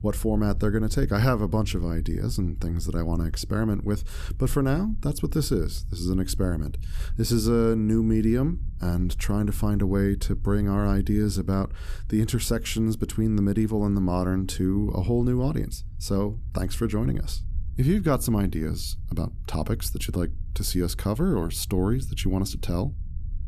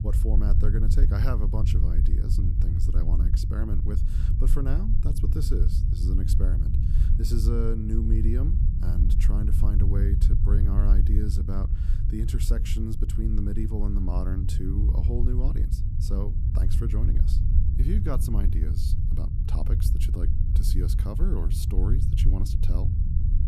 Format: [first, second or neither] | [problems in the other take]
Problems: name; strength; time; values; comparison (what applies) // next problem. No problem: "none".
first | low rumble; loud; throughout; 3 dB below the speech; faint in the first